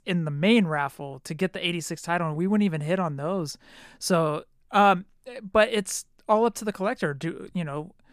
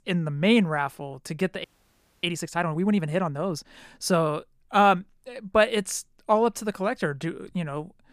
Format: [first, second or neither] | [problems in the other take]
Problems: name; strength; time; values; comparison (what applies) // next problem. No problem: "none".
first | audio freezing; at 1.5 s for 0.5 s